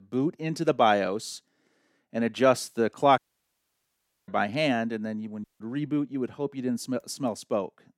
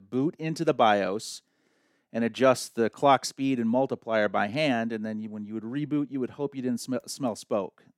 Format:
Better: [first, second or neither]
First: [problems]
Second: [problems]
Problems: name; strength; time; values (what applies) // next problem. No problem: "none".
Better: second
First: audio cutting out; at 3 s for 1 s and at 5.5 s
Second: none